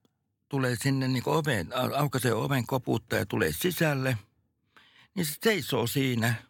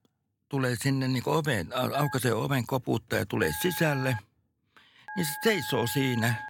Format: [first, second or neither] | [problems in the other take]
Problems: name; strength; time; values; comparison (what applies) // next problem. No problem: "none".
first | phone ringing; noticeable; from 2 s on; peak 10 dB below the speech